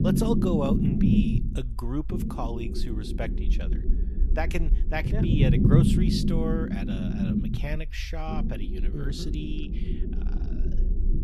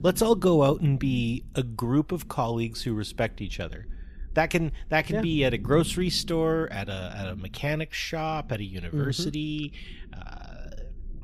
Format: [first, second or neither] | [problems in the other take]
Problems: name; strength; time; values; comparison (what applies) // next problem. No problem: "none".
second | low rumble; loud; throughout; 1 dB below the speech; faint in the second